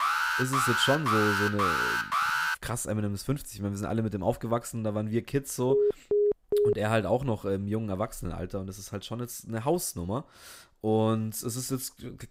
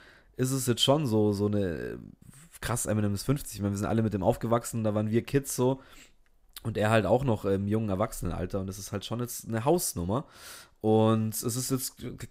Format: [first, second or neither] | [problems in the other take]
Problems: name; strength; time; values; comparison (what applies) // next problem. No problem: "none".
second | alarm; loud; until 2.5 s; peak 5 dB above the speech // phone ringing; loud; from 5.5 to 6.5 s; peak 4 dB above the speech